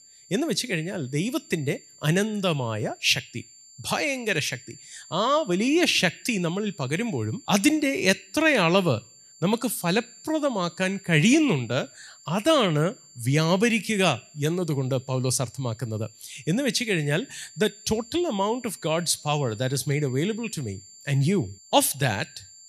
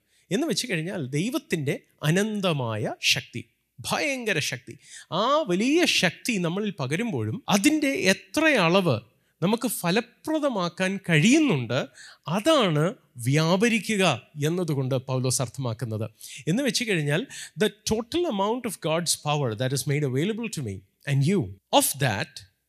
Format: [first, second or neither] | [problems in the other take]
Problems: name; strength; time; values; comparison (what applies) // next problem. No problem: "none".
second | high-pitched whine; faint; throughout; 7.5 kHz, 20 dB below the speech